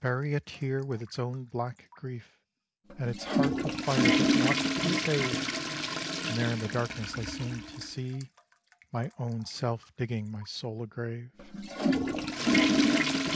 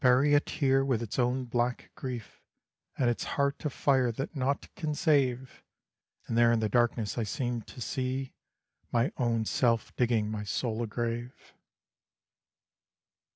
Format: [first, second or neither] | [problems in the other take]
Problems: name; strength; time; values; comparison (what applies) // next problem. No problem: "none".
second | background sound (Toilet flush / Water); 3 dB above the speech